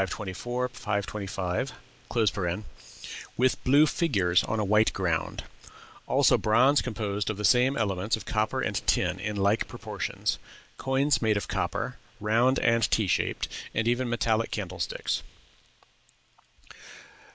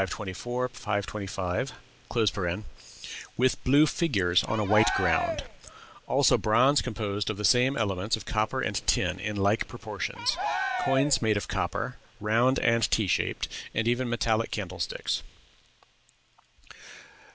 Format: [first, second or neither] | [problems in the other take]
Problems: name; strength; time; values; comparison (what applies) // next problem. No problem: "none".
first | background sound (Cheering); 6 dB below the speech